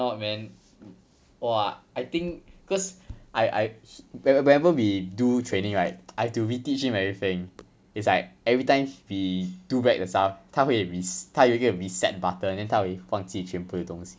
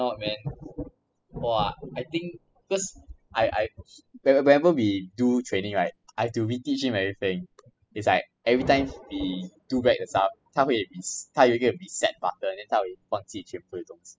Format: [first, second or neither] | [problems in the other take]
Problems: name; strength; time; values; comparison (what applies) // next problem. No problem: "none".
first | noise reduction (classical method spectral subtraction)